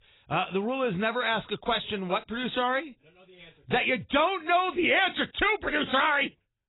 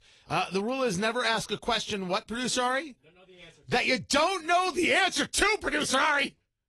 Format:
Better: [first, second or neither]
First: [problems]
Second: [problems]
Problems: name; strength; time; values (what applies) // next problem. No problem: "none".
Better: second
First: garbled, watery; badly; nothing above 4 kHz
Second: garbled, watery; slightly; nothing above 11 kHz